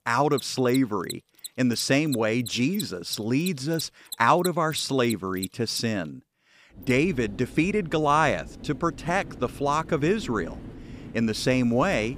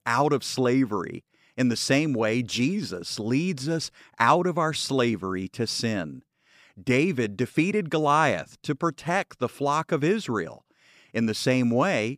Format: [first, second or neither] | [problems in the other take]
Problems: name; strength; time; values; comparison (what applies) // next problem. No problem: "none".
second | machinery noise; noticeable; throughout; 15 dB below the speech